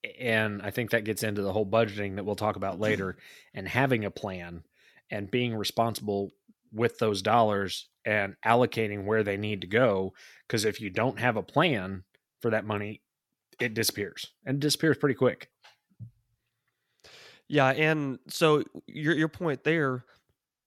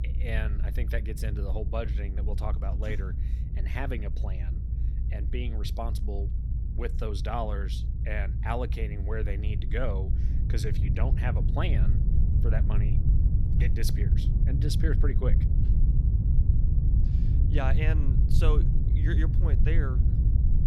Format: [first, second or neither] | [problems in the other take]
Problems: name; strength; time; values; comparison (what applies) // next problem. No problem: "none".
first | low rumble; loud; throughout; 6 dB below the speech